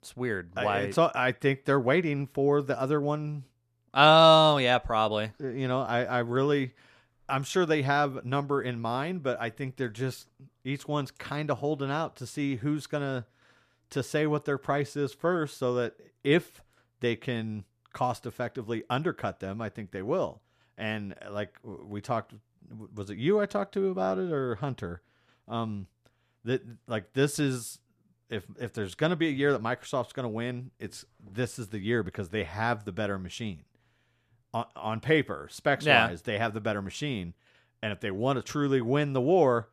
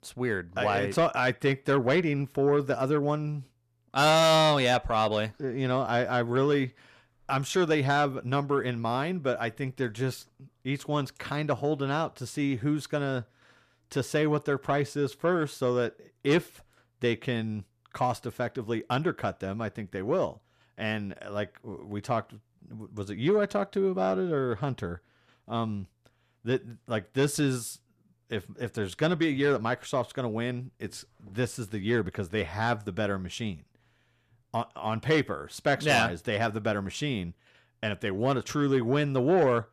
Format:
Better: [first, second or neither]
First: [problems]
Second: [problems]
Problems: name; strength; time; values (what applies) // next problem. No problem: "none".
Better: first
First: none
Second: distortion; slight; 10 dB below the speech